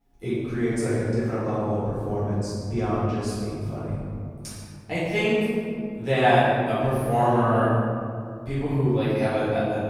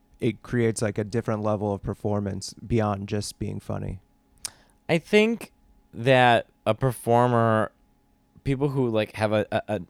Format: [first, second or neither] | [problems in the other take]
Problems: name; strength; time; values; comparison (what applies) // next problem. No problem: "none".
second | room echo; strong; dies away in 2.2 s // off-mic speech; far